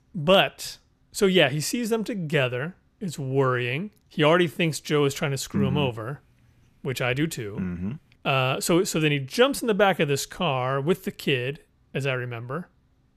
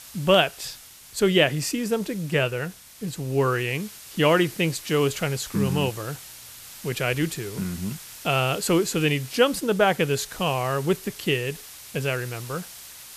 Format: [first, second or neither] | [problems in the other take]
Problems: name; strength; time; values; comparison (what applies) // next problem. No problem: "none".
first | hiss; noticeable; throughout; 15 dB below the speech